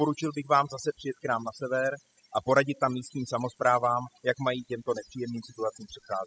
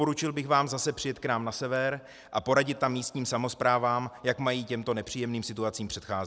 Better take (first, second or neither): second